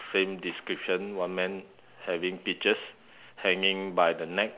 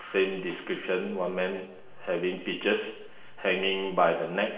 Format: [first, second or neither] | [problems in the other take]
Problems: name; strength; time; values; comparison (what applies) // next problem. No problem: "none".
first | room echo; dies away in 1 s